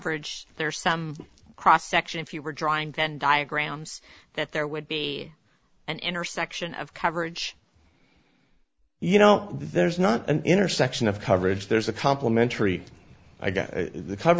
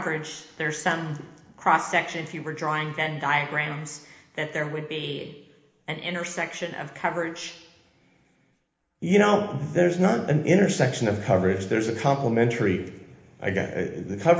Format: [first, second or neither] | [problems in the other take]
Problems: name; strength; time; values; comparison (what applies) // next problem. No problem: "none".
first | room echo; dies away in 1 s